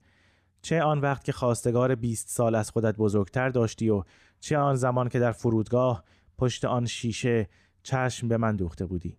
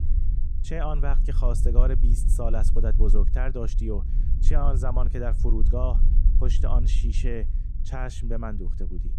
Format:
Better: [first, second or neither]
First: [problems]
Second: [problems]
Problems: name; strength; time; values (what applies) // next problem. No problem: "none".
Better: first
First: none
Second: low rumble; noticeable; throughout; 10 dB below the speech